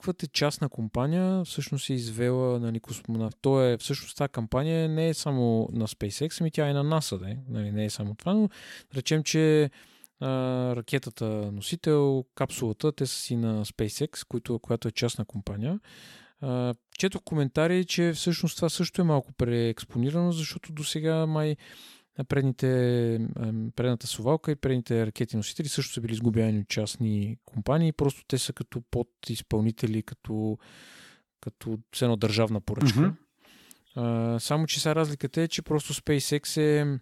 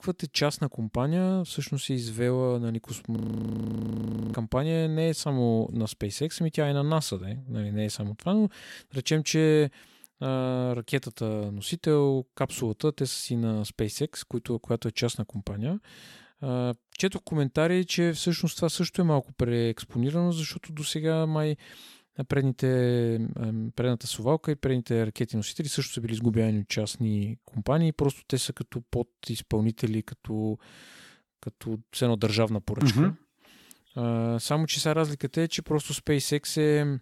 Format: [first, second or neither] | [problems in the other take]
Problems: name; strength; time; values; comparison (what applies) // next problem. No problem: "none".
first | audio freezing; at 3 s for 1 s